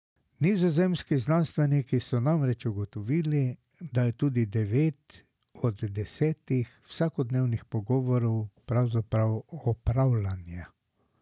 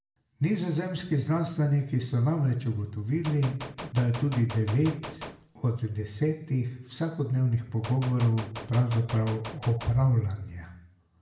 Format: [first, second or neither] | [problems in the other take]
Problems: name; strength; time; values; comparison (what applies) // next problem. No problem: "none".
first | background sound (Gunshot, gunfire); 13 dB below the speech // room echo; dies away in 0.7 s